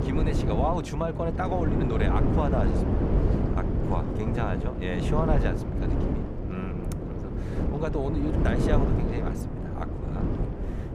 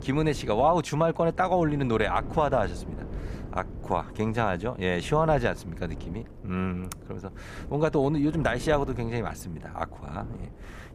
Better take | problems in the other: second | wind noise on the microphone; heavy; 2 dB below the speech; occasional gusts in the second

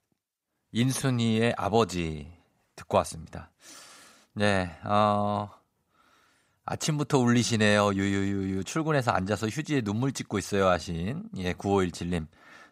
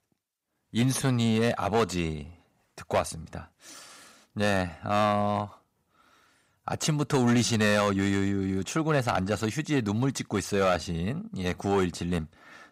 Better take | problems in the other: first | distortion; slight; 3% of the sound clipped

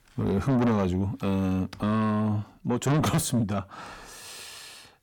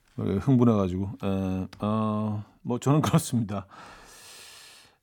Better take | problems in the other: second | distortion; heavy; 6 dB below the speech

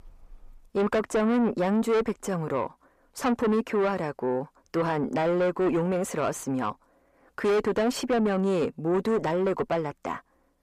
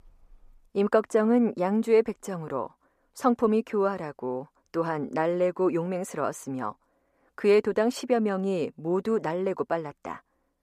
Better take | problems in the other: second | distortion; heavy; 7 dB below the speech

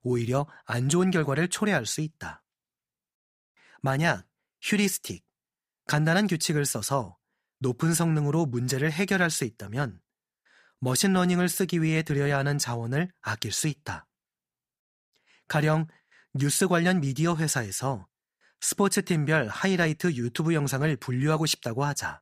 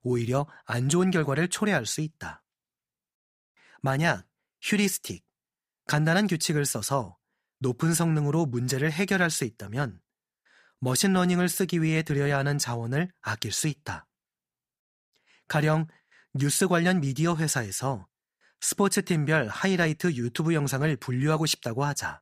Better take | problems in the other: neither | none

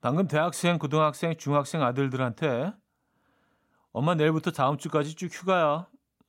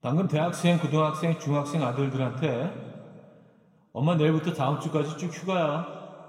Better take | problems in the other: first | room echo; slight; dies away in 2 s // off-mic speech; somewhat distant

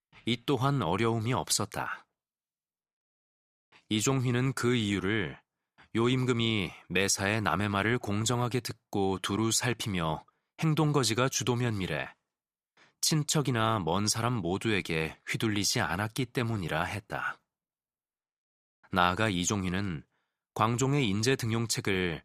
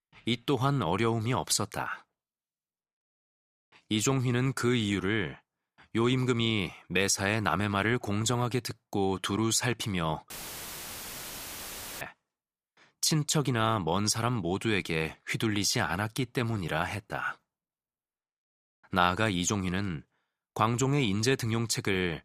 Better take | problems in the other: first | audio cutting out; filled with static; at 10 s for 1.5 s

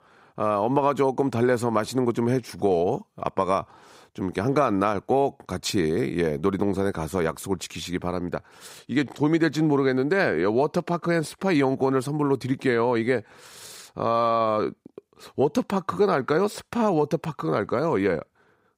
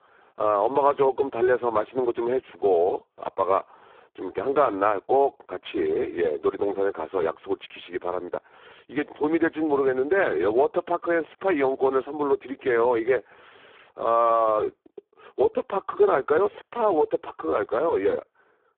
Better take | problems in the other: first | phone-call audio; poor line; nothing above 3.5 kHz

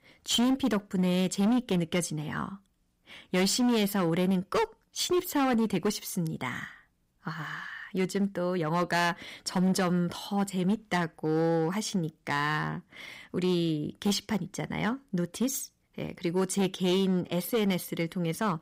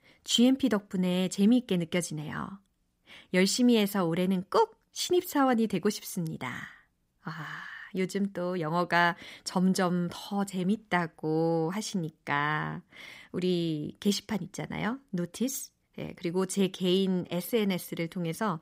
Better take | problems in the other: second | distortion; slight; 9% of the sound clipped

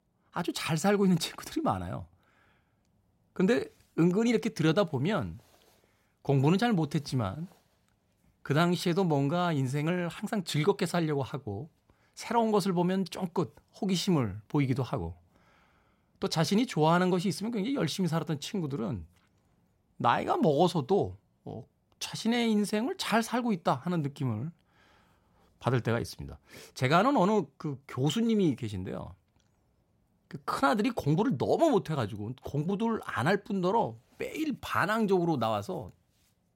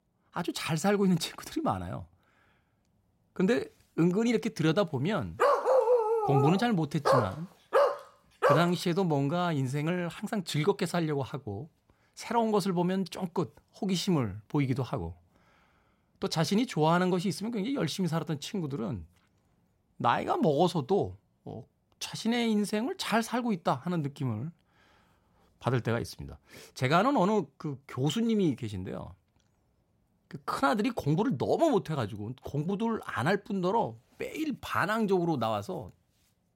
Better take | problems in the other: first | dog barking; loud; from 5.5 to 8.5 s; peak 6 dB above the speech

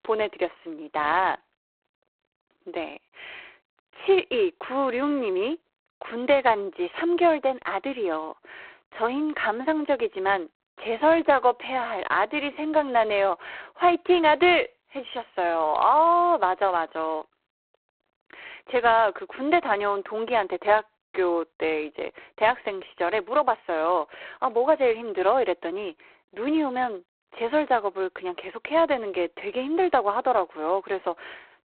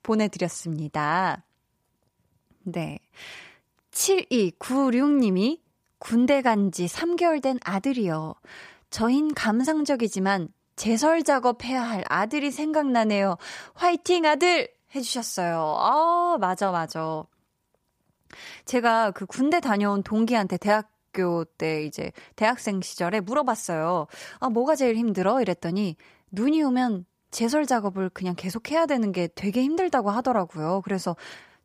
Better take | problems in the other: second | phone-call audio; poor line; nothing above 3.5 kHz

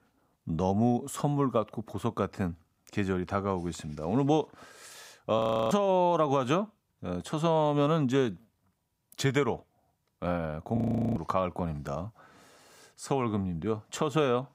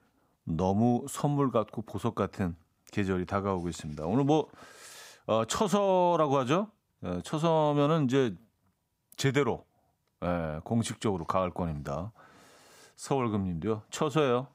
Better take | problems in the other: second | audio freezing; at 5.5 s and at 11 s

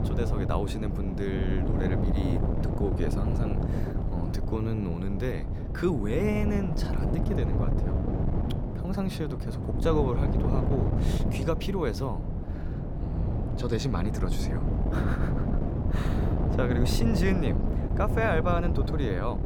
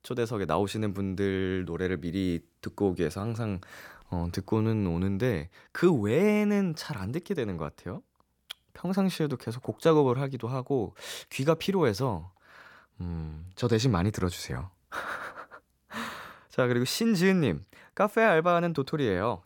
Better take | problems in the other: second | wind noise on the microphone; heavy; 3 dB below the speech

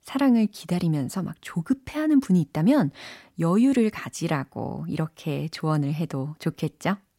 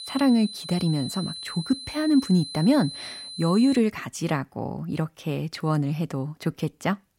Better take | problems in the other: first | high-pitched whine; noticeable; until 4 s; 4 kHz, 10 dB below the speech

